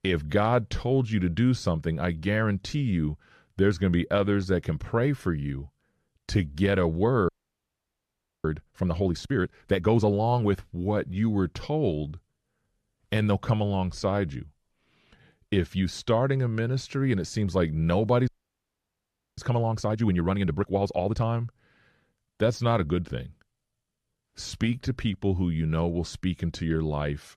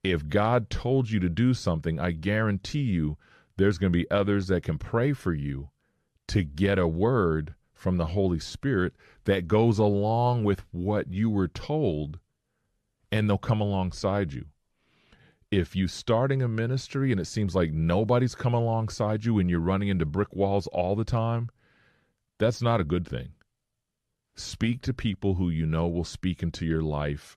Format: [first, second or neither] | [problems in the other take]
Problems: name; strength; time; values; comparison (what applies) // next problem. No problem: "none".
second | audio freezing; at 7.5 s for 1 s and at 18 s for 1 s